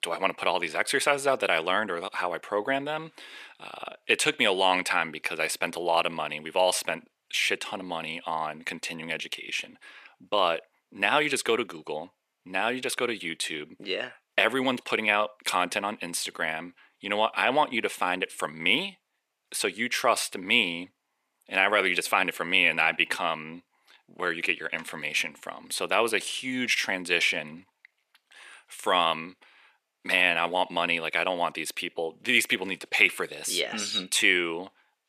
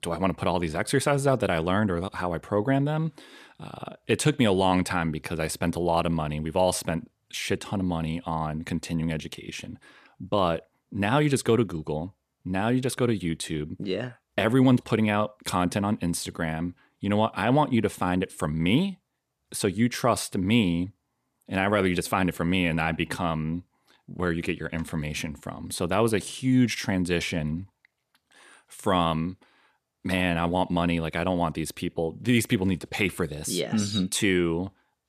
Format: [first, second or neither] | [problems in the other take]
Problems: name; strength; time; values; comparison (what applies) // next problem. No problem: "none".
second | thin; somewhat; fading below 450 Hz